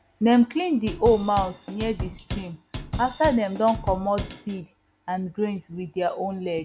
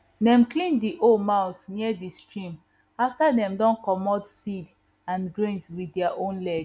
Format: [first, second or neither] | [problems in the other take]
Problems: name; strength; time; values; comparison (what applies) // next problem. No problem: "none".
second | background sound (Drum / Drum kit); 9 dB below the speech